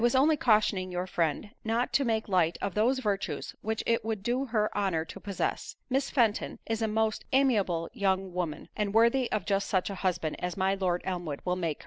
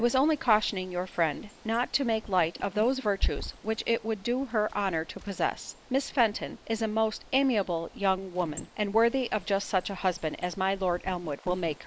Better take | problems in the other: first | noise reduction (neural mask model Resemble Enhance denoiser)

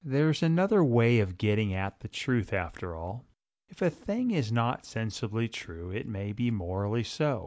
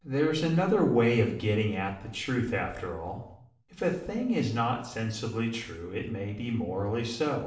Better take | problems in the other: first | room echo; dies away in 0.6 s

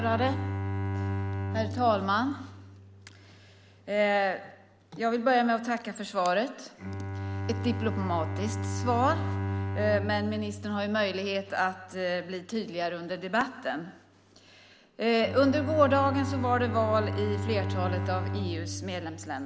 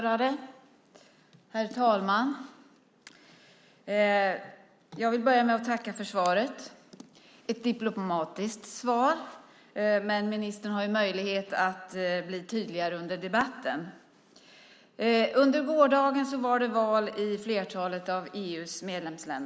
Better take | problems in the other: second | background sound (Bowed string instrument); 5 dB below the speech

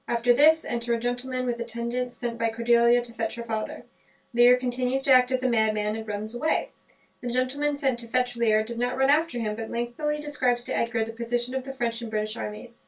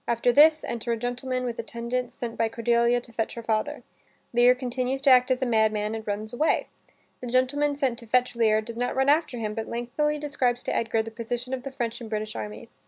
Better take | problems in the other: second | room echo; dies away in 0.1 s

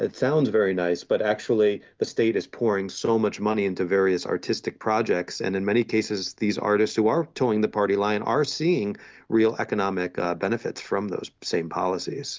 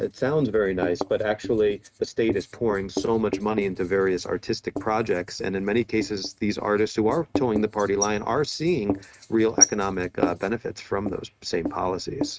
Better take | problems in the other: first | noise reduction (neural mask model RNNoise)

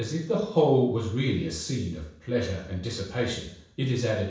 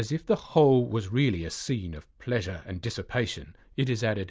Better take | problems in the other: second | room echo; dies away in 0.7 s

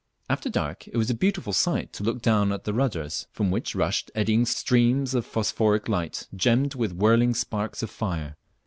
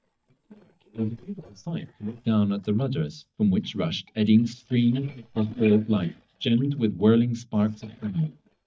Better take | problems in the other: first | noise reduction (neural mask model DeepFilterNet 3)

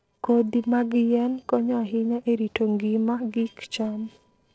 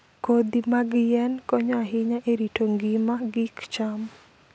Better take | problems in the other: second | noise reduction (neural separator model SepFormer DNS4)

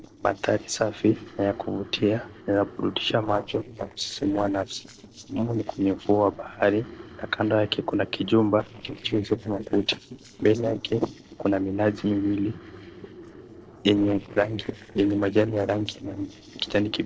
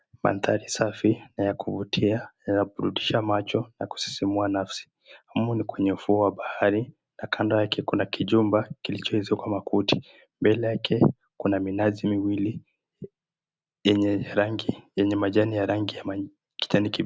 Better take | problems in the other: second | noise reduction (neural separator model SepFormer DNS4)

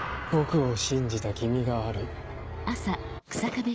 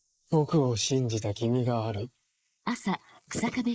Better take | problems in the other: first | noise reduction (neural mask model Resemble Enhance denoiser)

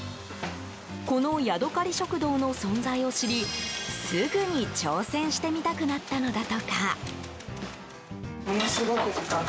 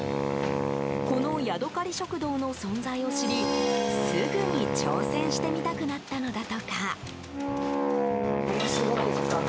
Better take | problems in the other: first | background sound (Wind instrument, woodwind instrument); 2 dB above the speech

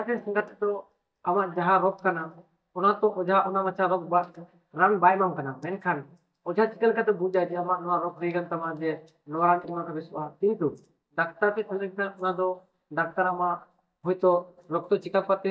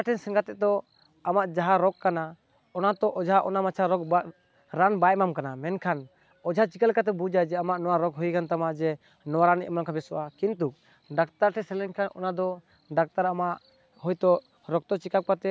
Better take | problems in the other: second | noise reduction (neural mask model DeepFilterNet 3)

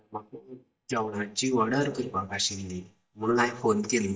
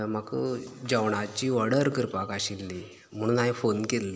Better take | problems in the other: second | noise reduction (neural mask model DeepFilterNet 3)

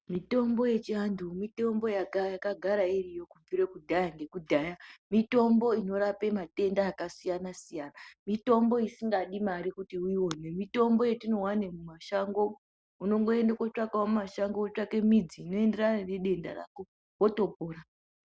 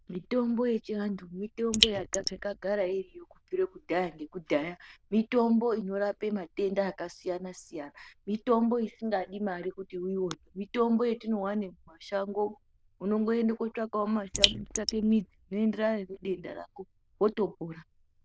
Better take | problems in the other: first | noise reduction (neural diffusion model UNIVERSE++)

